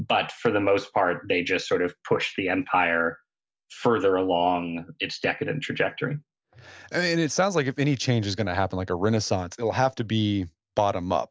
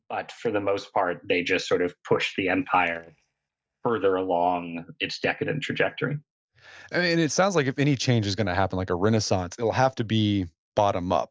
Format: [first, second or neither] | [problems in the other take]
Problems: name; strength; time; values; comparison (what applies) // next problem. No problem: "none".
first | noise reduction (neural mask model DeepFilterNet 3)